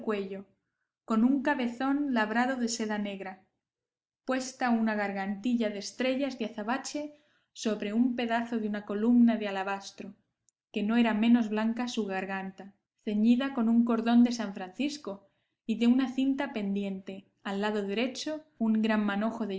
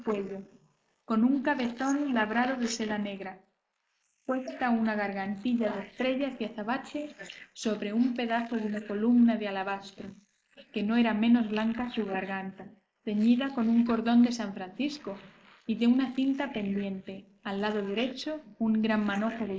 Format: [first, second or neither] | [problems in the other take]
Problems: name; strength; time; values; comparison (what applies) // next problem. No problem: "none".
first | noise reduction (neural mask model Resemble Enhance denoiser)